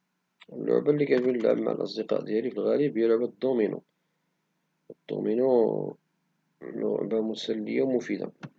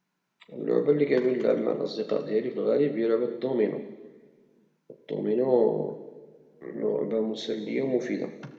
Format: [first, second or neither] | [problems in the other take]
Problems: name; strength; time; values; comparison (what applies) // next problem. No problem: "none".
first | room echo; dies away in 1.3 s